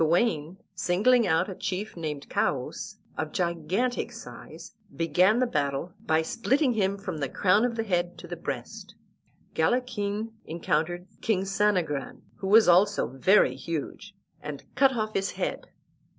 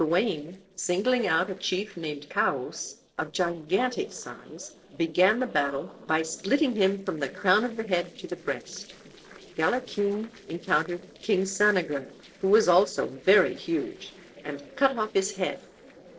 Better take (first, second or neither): first